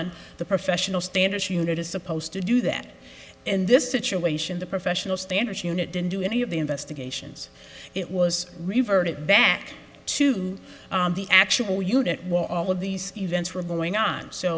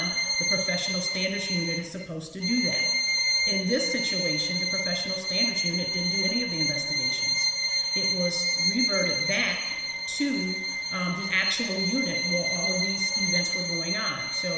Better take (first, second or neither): first